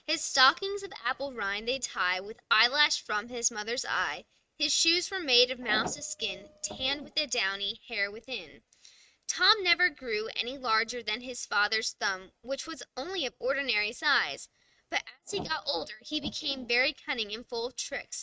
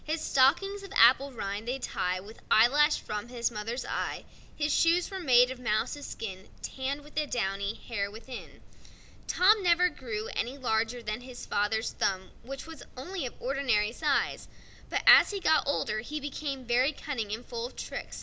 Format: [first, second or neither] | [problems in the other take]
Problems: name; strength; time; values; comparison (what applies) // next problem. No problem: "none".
second | noise reduction (neural mask model RNNoise)